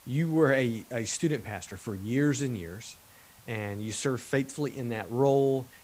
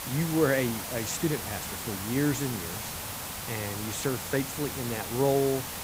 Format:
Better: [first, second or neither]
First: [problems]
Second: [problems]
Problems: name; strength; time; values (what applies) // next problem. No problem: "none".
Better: first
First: hiss; faint; throughout; 25 dB below the speech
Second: hiss; loud; throughout; 4 dB below the speech